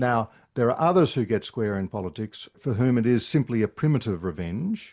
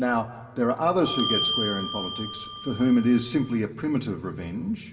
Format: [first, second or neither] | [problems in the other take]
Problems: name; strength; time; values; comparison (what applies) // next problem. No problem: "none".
first | background sound (Bell); 5 dB below the speech // room echo; dies away in 1.6 s